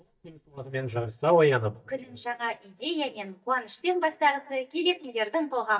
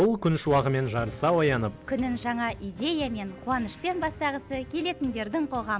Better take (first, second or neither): second